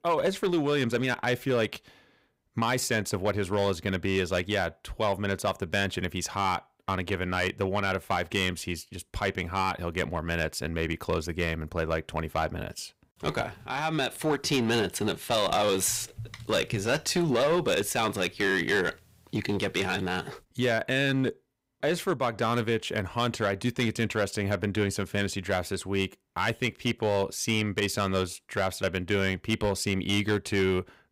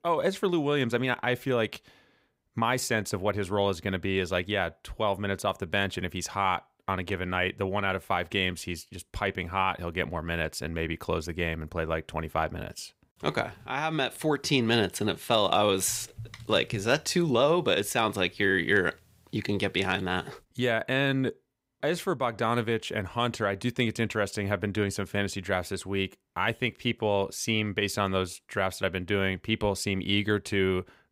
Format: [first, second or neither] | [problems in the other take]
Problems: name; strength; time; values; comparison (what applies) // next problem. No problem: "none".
second | distortion; slight; 5% of the sound clipped